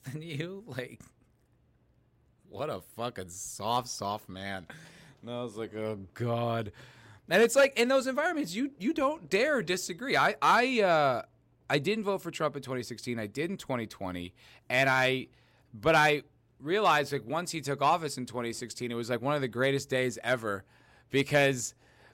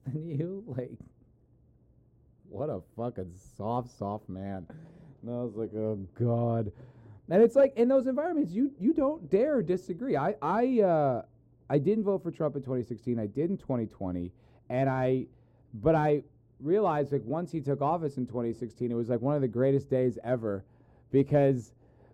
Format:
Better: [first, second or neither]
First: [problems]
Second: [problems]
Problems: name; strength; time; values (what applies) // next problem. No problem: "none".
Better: first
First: none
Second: muffled; very; fading above 1 kHz